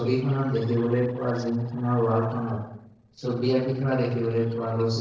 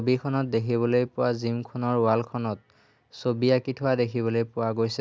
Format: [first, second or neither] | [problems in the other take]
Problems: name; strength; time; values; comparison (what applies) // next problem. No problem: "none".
second | noise reduction (neural separator model SepFormer DNS4)